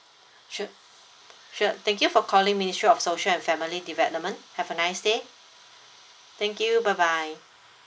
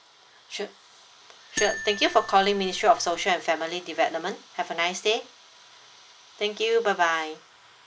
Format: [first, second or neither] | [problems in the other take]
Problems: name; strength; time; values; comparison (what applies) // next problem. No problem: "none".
first | background sound (Marimba, xylophone); 9 dB below the speech